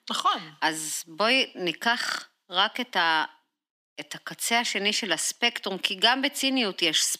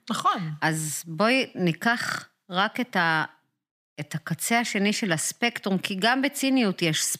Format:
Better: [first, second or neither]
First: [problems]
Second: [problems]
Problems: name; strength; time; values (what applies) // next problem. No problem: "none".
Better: second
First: thin; very slightly; fading below 250 Hz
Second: none